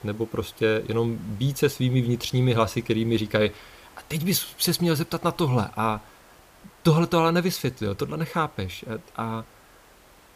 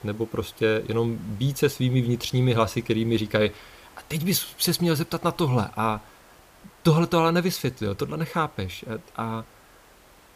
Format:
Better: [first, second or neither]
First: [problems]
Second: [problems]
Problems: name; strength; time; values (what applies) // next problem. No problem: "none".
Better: neither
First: hiss; faint; throughout; 25 dB below the speech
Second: hiss; faint; throughout; 25 dB below the speech